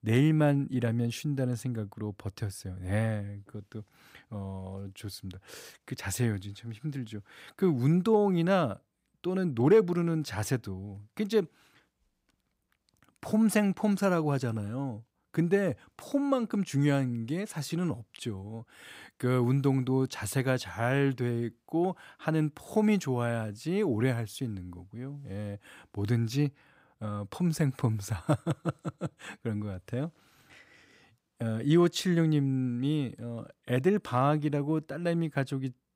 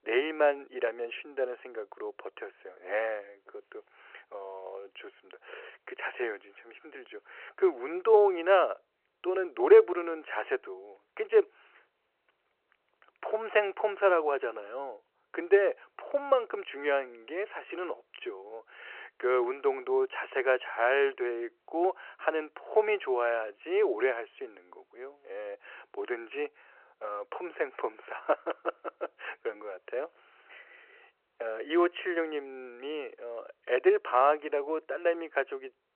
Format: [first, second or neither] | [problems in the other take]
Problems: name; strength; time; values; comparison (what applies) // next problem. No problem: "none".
first | phone-call audio